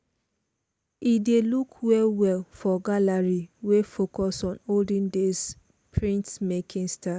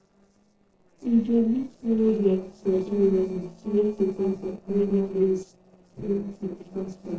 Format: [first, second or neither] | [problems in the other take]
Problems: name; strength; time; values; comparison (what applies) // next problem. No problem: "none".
first | noise reduction (neural separator model SepFormer DNS4)